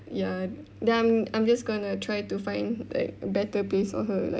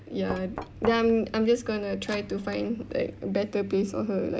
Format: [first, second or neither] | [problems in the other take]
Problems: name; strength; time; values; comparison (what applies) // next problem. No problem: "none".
first | background sound (Knock); 14 dB below the speech